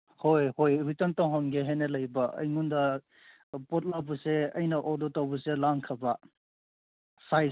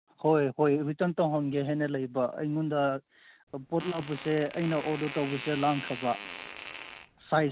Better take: first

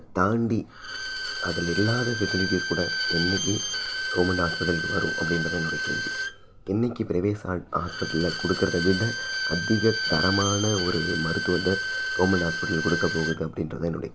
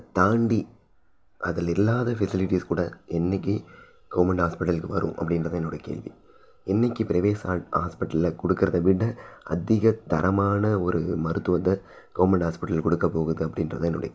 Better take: second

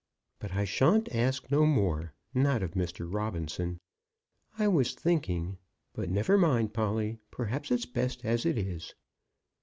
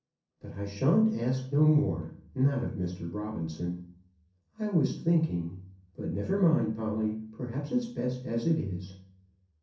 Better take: first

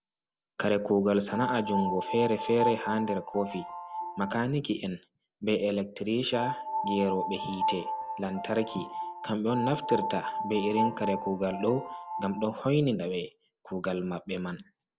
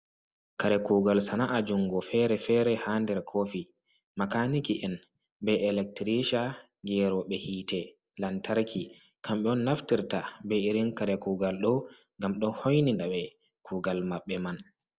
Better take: second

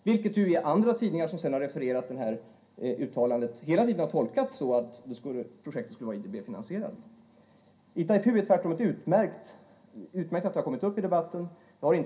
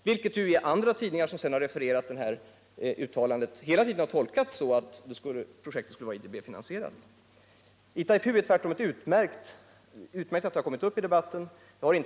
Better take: second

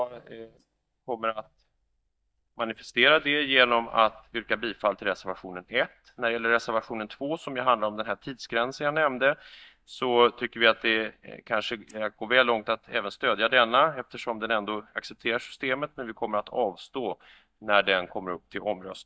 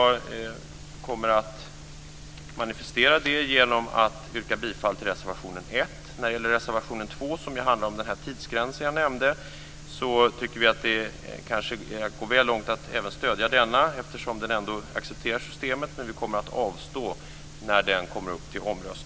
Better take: second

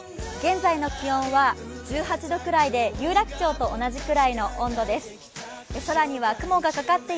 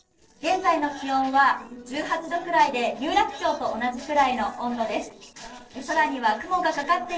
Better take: first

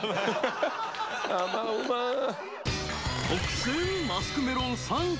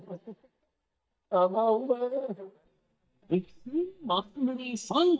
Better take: first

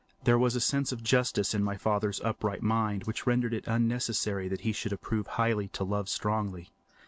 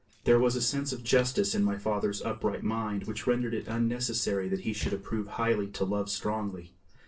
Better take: first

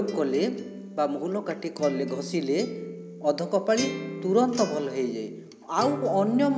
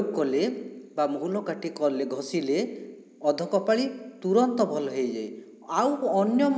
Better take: second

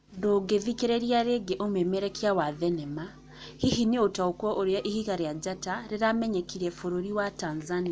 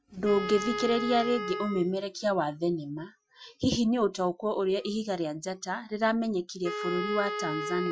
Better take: first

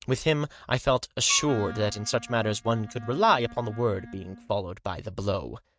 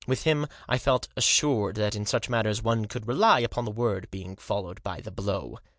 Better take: second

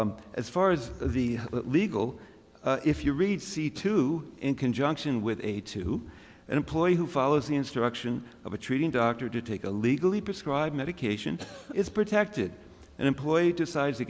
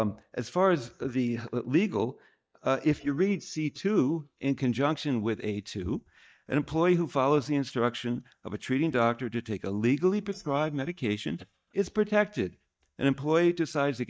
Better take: first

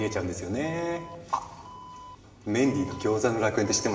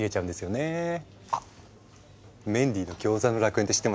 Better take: second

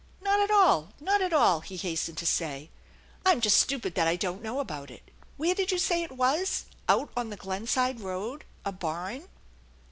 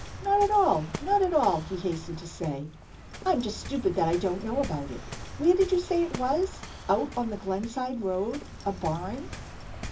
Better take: first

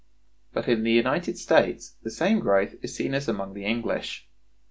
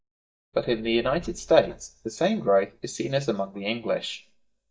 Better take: first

